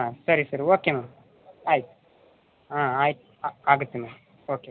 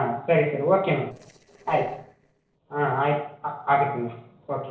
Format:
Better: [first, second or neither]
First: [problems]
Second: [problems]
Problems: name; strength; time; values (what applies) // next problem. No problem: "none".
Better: first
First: none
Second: noise reduction (neural separator model SepFormer DNS4)